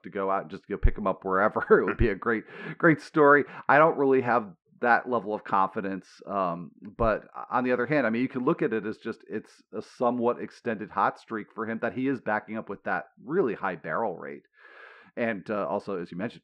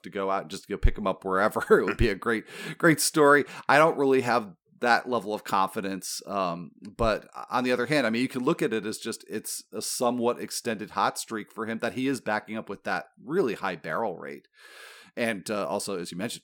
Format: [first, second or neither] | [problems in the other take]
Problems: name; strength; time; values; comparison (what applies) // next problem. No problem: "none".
second | muffled; very; fading above 1.5 kHz